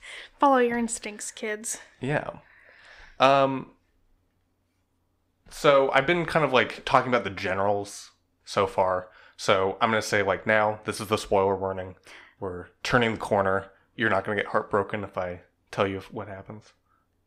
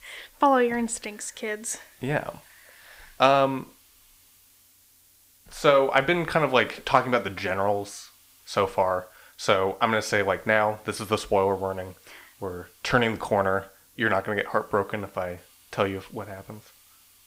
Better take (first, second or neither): first